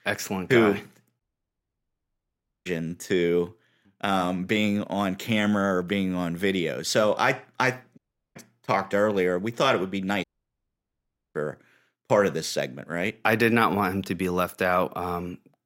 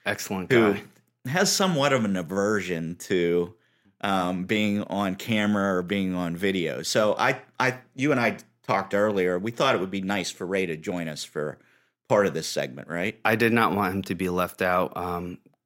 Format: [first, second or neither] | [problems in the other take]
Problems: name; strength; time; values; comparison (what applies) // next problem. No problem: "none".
second | audio cutting out; at 1 s for 1.5 s, at 8 s and at 10 s for 1 s